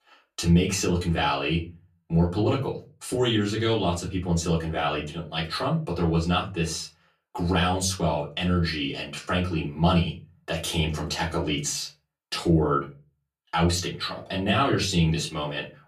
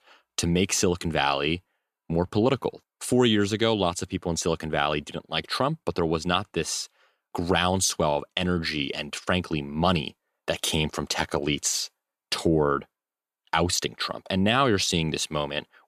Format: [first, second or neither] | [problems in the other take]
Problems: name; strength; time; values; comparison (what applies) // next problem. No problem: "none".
second | off-mic speech; far // room echo; very slight; dies away in 0.3 s